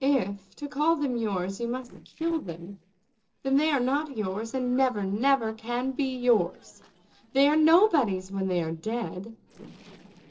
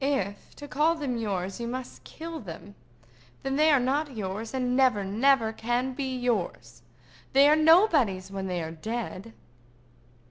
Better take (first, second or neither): second